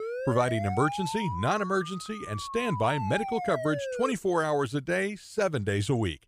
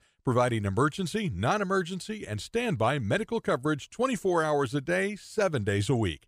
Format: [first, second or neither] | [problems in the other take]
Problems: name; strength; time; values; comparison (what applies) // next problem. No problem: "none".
second | siren; noticeable; until 4 s; peak 5 dB below the speech